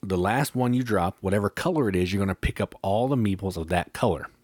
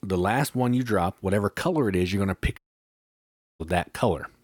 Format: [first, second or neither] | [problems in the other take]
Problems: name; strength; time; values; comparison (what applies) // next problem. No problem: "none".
first | audio cutting out; at 2.5 s for 1 s